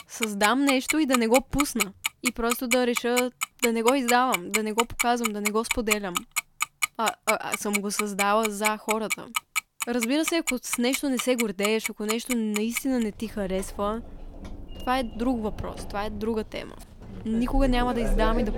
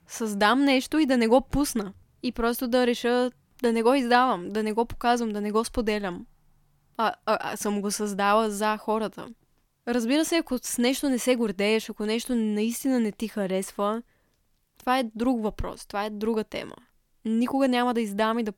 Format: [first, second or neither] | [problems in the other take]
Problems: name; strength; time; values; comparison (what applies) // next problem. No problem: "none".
second | household noises; loud; throughout; 3 dB below the speech